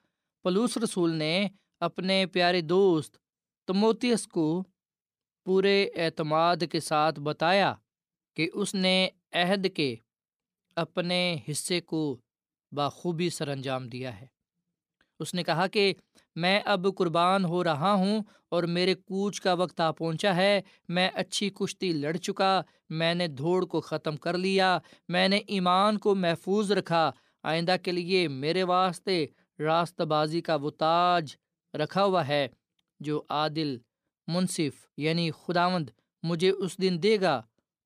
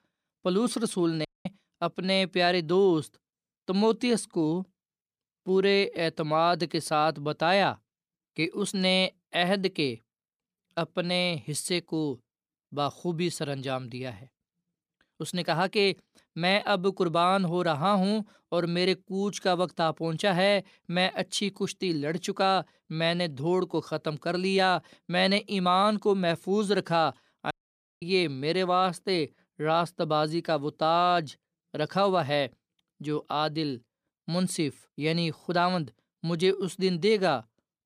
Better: first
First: none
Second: audio cutting out; at 1.5 s and at 28 s for 0.5 s

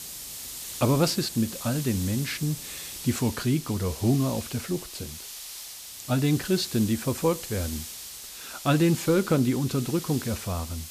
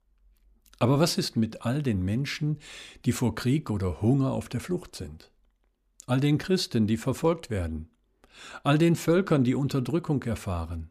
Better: second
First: hiss; loud; throughout; 10 dB below the speech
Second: none

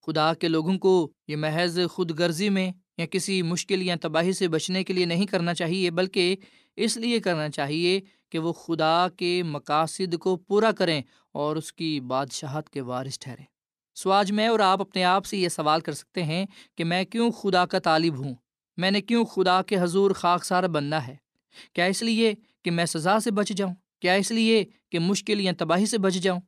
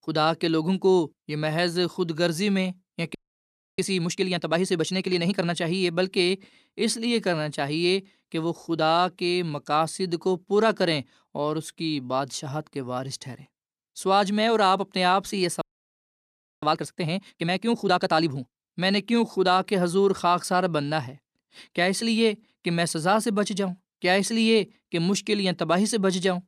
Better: first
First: none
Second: audio freezing; at 3 s for 0.5 s and at 16 s for 1 s

